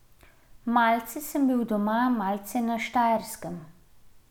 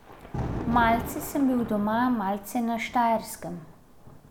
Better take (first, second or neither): first